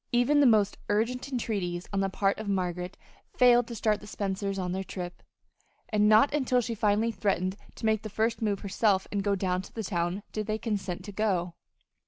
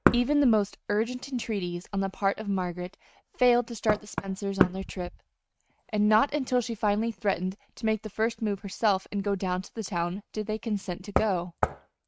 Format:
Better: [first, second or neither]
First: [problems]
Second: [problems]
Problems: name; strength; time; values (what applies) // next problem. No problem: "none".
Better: first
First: none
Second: noise reduction (neural mask model RNNoise)